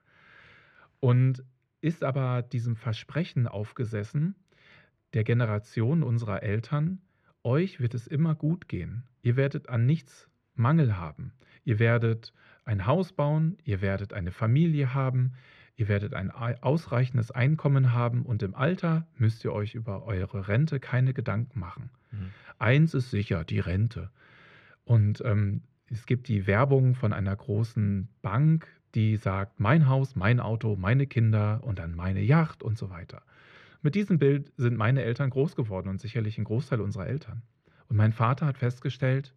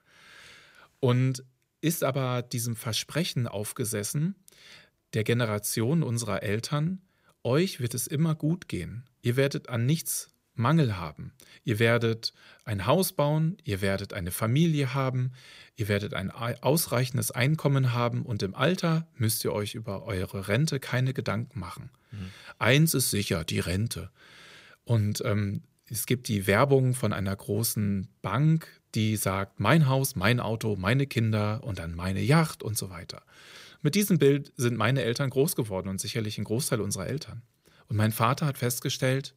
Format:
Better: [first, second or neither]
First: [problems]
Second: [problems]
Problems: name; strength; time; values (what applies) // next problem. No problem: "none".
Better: second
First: muffled; very; fading above 2 kHz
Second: none